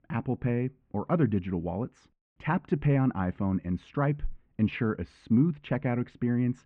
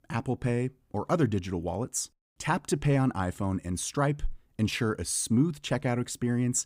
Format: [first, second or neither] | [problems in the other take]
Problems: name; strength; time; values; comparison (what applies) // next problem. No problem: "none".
second | muffled; very; fading above 2.5 kHz